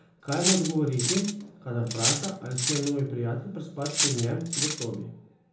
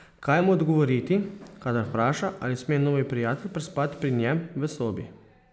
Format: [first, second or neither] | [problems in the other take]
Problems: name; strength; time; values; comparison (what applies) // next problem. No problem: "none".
second | background sound (Cutlery, silverware); as loud as the speech // room echo; dies away in 1 s